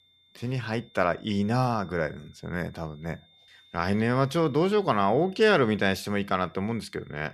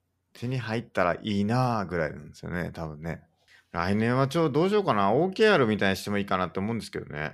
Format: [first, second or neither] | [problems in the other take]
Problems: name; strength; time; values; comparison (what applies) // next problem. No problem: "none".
second | high-pitched whine; faint; throughout; 3.5 kHz, 30 dB below the speech